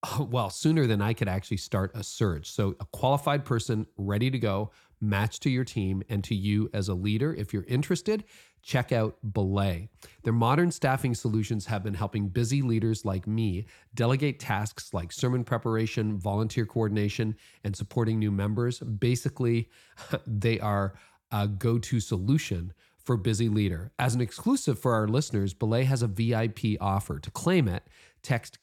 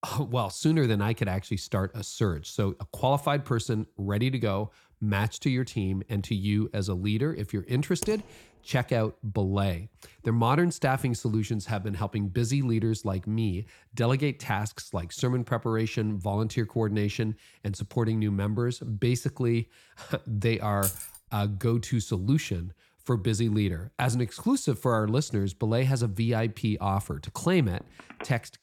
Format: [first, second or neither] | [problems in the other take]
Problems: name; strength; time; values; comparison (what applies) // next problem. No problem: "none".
first | keyboard typing; noticeable; at 8 s; peak 10 dB below the speech // jangling keys; noticeable; at 21 s; peak 2 dB below the speech // phone ringing; faint; at 28 s; peak 15 dB below the speech